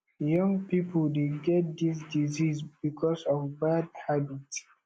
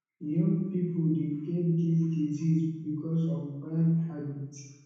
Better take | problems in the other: first | room echo; dies away in 1.1 s

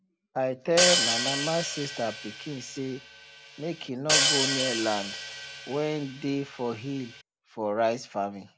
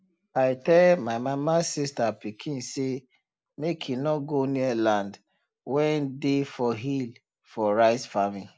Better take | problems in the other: second | background sound (Hi-hat); 1 dB above the speech

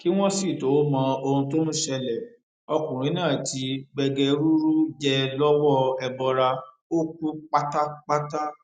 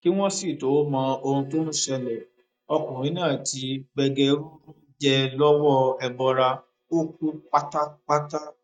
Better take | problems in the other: first | noise reduction (neural mask model DeepFilterNet 3)

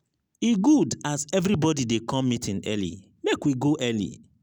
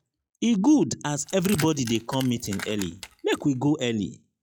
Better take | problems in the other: first | noise reduction (classical method log-MMSE)

